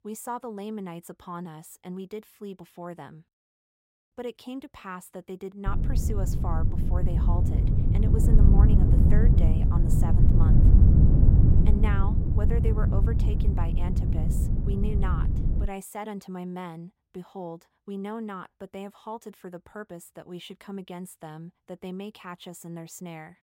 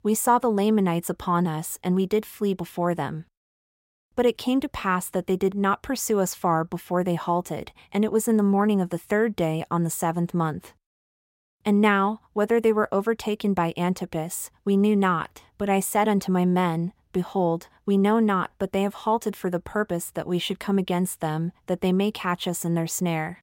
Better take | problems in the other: second | wind noise on the microphone; heavy; from 5.5 to 16 s; 2 dB above the speech

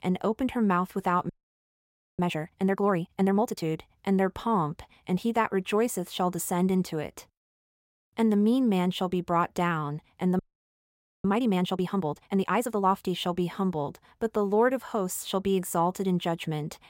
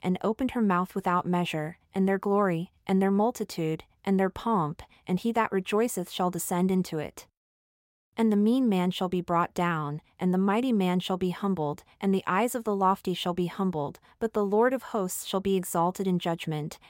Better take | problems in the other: second | audio freezing; at 1.5 s for 1 s and at 10 s for 1 s

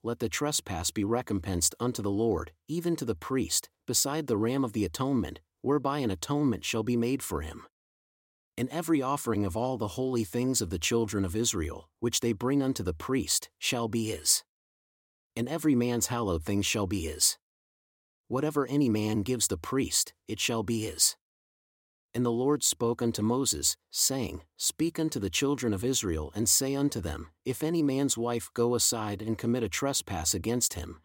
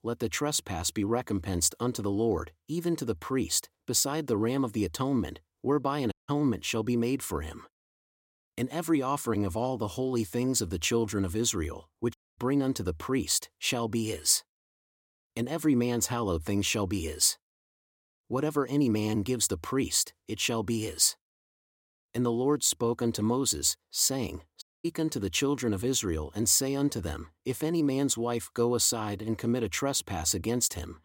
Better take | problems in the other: first | audio cutting out; at 6 s, at 12 s and at 25 s

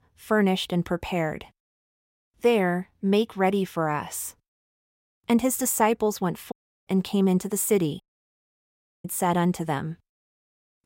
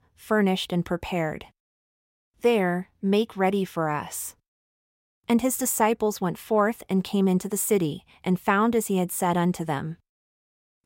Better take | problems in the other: second | audio cutting out; at 6.5 s and at 8 s for 1 s

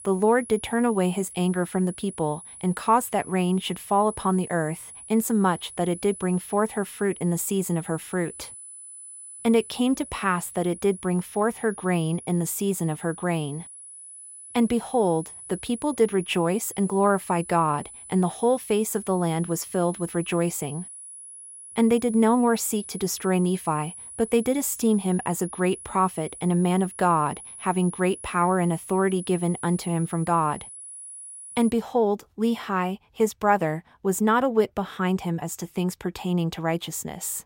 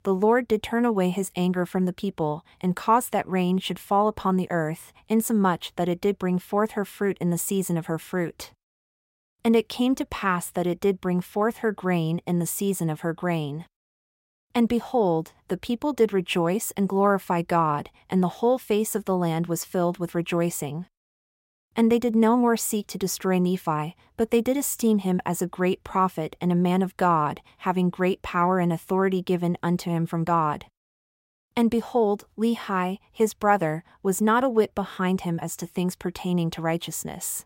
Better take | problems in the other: second | high-pitched whine; noticeable; until 32 s; 10.5 kHz, 15 dB below the speech

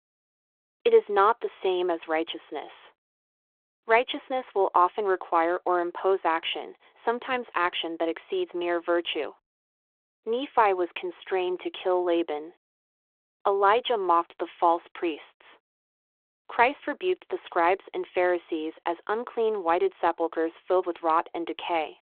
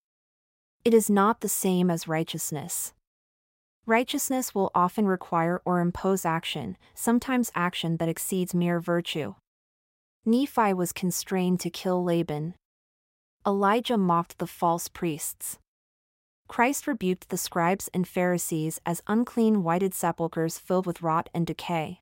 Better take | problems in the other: second | phone-call audio

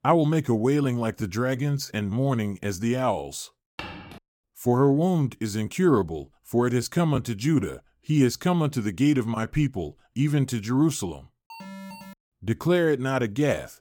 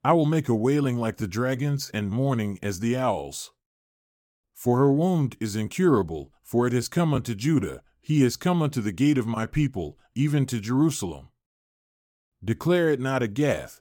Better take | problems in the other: second | footsteps; faint; at 4 s; peak 15 dB below the speech // alarm; faint; at 12 s; peak 15 dB below the speech

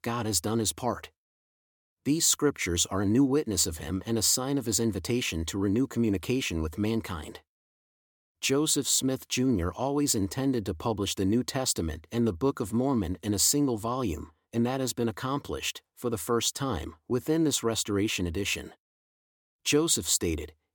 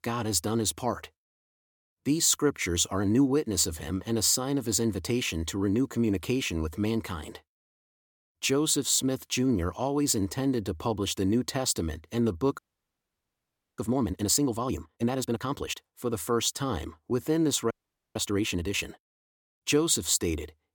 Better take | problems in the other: first | audio freezing; at 13 s for 1 s and at 18 s

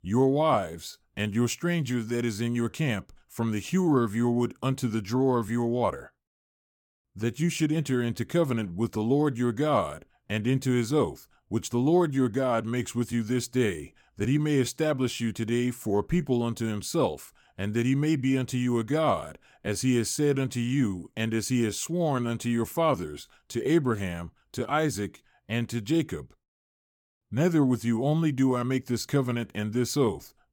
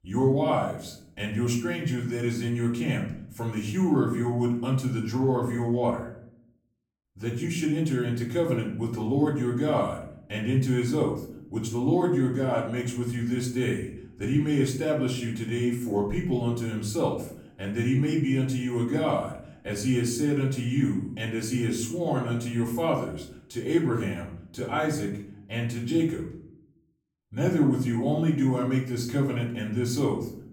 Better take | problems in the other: first | off-mic speech; far // room echo; slight; dies away in 0.6 s

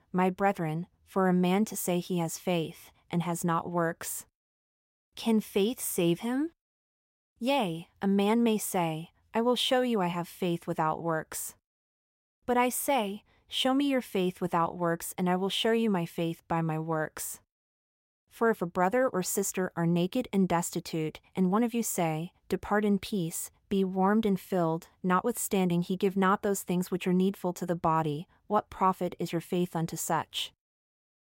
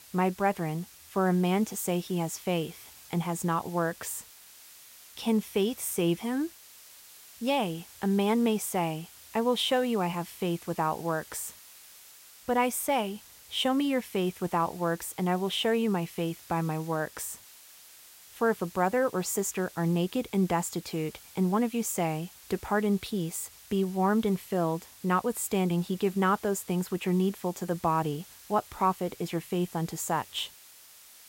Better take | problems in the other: first | hiss; noticeable; throughout; 20 dB below the speech

